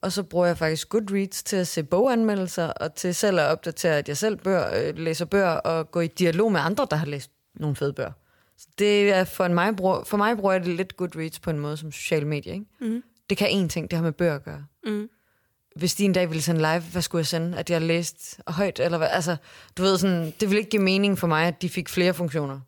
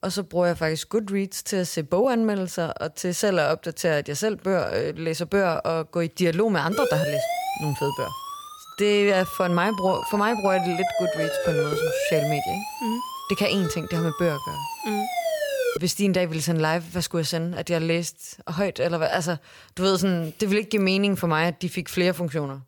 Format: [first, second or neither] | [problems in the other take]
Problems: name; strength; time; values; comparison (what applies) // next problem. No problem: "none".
first | siren; loud; from 6.5 to 16 s; peak 1 dB above the speech